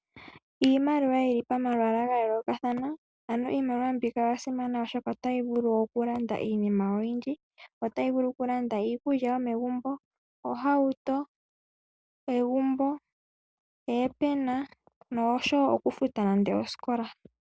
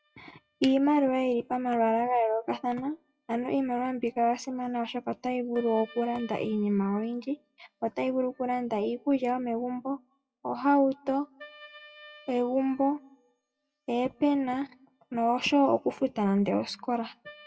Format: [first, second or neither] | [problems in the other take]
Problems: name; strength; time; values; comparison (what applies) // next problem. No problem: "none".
first | noise reduction (classical method WPE with log-MMSE)